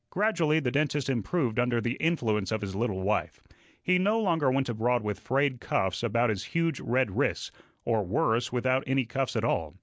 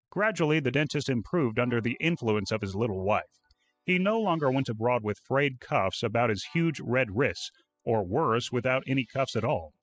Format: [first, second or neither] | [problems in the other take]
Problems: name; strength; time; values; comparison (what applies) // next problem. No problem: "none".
first | noise reduction (classical method spectral subtraction)